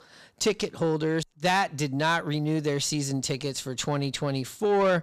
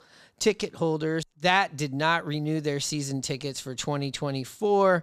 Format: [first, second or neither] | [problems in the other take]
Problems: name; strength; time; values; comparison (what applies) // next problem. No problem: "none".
second | distortion; slight; 10 dB below the speech